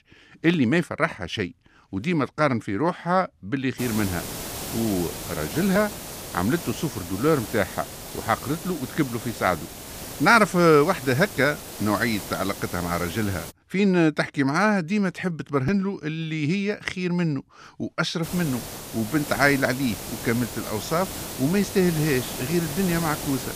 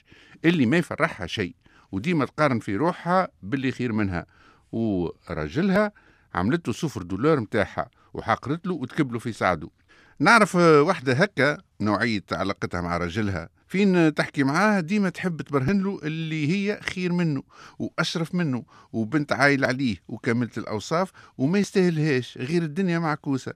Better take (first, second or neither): second